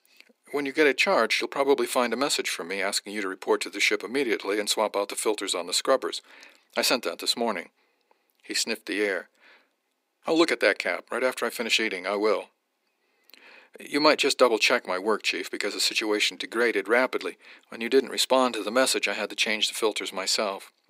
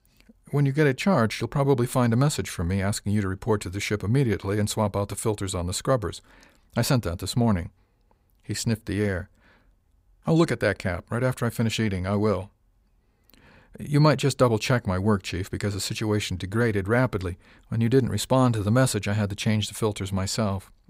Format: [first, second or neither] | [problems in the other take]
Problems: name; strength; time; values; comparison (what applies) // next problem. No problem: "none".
second | thin; somewhat; fading below 300 Hz